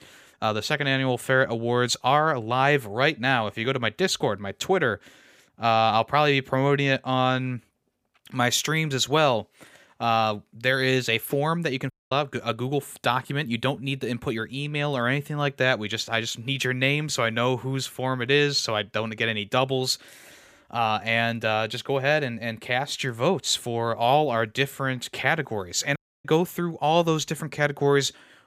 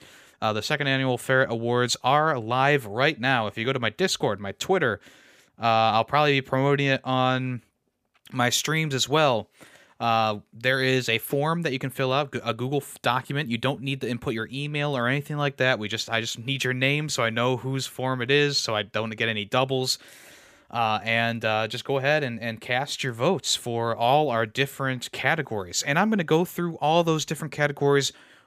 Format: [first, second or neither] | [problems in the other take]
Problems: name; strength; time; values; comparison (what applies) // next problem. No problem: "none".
second | audio cutting out; at 12 s and at 26 s